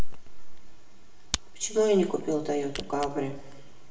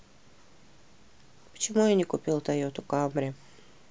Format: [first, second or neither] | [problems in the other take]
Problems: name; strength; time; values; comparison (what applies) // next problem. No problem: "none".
second | background sound (Camera); 16 dB below the speech // room echo; dies away in 1.1 s